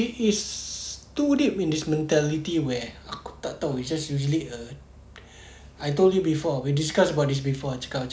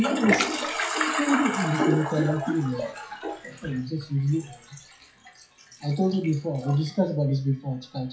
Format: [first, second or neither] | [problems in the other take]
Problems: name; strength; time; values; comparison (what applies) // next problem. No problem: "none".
first | noise reduction (classical method WPE with log-MMSE)